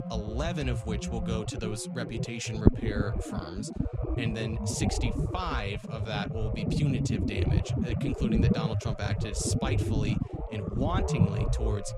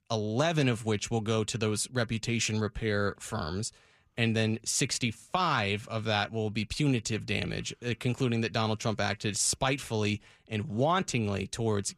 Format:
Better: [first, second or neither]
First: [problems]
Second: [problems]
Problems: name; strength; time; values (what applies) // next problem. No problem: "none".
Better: second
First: low rumble; loud; throughout; 1 dB below the speech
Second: none